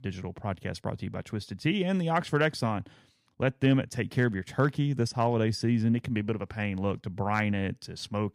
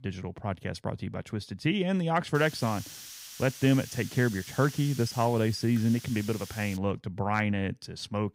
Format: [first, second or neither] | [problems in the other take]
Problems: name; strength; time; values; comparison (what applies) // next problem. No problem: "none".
first | hiss; noticeable; from 2.5 to 7 s; 15 dB below the speech